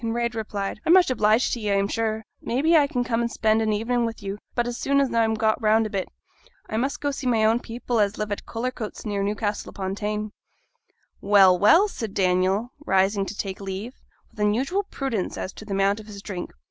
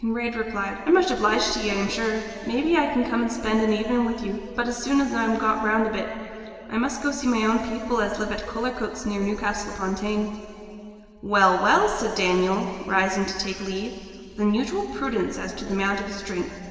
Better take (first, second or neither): first